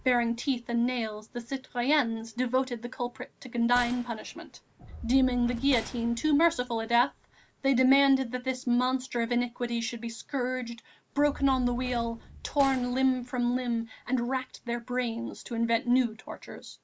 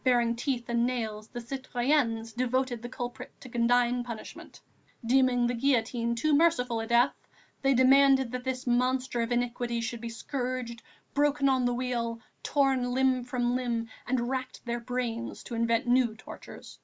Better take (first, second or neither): second